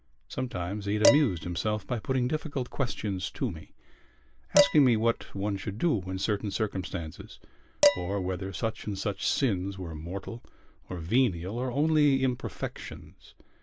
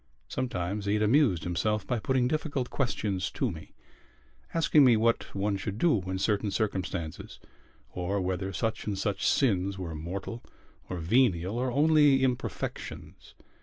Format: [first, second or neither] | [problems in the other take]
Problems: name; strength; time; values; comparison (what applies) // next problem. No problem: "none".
second | background sound (Dishes, pots, and pans); 4 dB below the speech